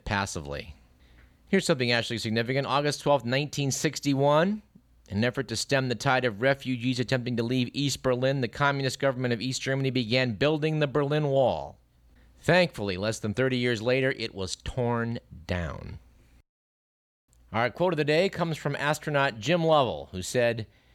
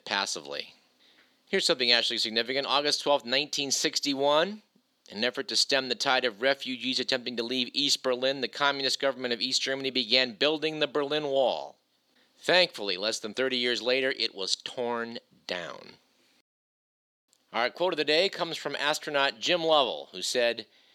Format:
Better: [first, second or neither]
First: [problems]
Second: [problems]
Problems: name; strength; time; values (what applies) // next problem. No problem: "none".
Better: first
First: none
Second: thin; somewhat; fading below 300 Hz